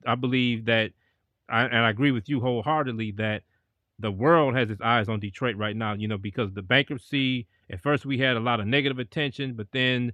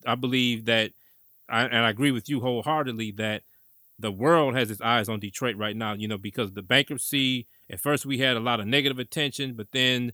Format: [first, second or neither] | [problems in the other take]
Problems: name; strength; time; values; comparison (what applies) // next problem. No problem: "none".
second | muffled; slightly; fading above 2 kHz